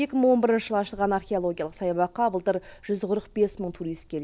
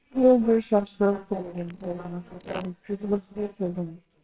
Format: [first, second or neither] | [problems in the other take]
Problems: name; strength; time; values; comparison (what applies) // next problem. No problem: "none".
first | noise reduction (neural separator model SepFormer WHAMR!)